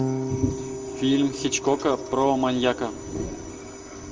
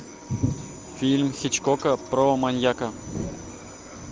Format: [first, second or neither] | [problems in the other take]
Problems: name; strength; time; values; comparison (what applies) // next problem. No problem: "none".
second | background sound (Electric guitar / Bass guitar); 8 dB below the speech // room echo; dies away in 0.5 s